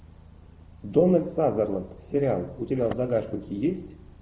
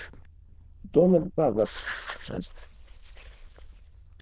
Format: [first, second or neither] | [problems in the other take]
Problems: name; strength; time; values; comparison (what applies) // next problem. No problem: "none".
first | noise reduction (neural diffusion model UNIVERSE++)